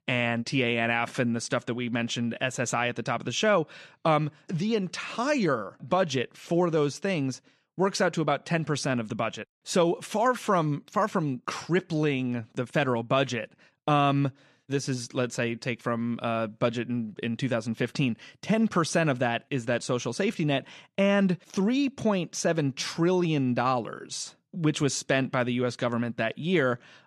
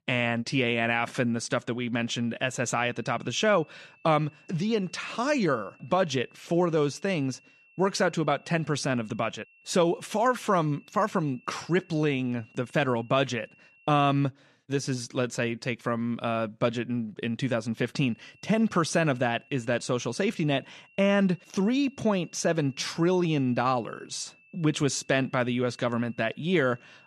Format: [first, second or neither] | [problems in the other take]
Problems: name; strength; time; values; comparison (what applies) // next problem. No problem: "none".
first | high-pitched whine; faint; from 2.5 to 14 s and from 18 s on; 2.5 kHz, 30 dB below the speech